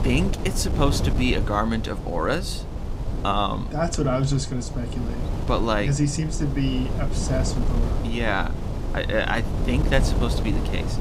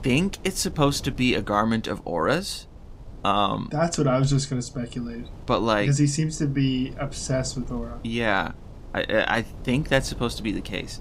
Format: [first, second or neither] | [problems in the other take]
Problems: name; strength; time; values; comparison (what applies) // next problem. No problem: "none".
second | wind noise on the microphone; heavy; 9 dB below the speech; occasional gusts in the second